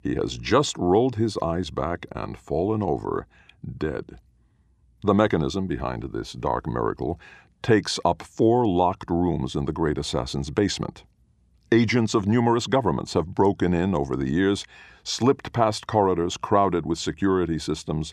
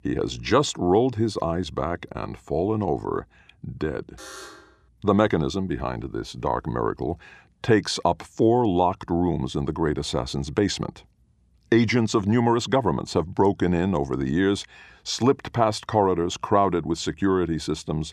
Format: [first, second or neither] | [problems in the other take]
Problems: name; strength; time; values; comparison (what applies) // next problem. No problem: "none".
first | alarm; faint; at 4 s; peak 15 dB below the speech